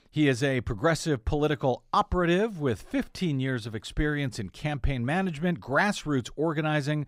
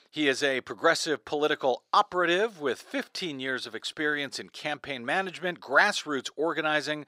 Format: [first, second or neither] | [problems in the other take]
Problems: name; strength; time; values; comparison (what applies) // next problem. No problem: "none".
first | thin; somewhat; fading below 450 Hz